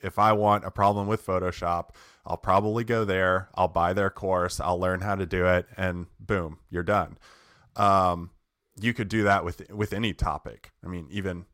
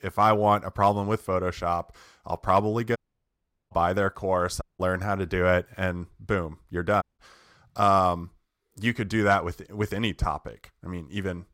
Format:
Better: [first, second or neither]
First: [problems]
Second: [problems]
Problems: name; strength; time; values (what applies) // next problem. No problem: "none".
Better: first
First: none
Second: audio cutting out; at 3 s for 1 s, at 4.5 s and at 7 s